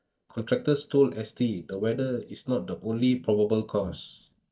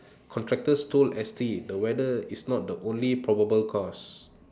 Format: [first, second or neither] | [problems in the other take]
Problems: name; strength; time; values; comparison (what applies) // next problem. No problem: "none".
second | noise reduction (neural mask model DeepFilterNet 3)